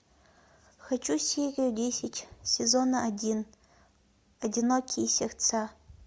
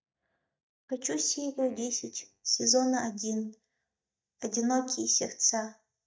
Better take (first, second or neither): first